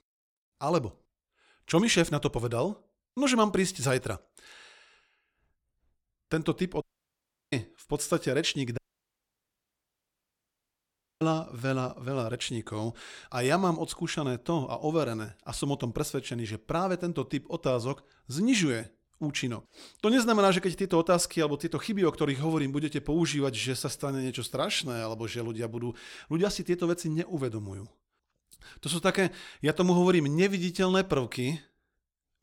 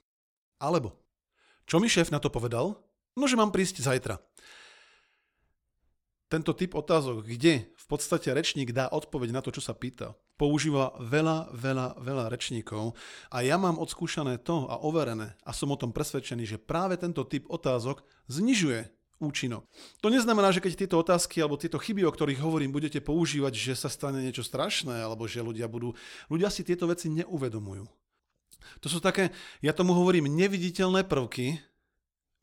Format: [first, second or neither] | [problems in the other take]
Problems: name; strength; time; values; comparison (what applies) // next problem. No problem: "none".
second | audio cutting out; at 7 s for 0.5 s and at 9 s for 2.5 s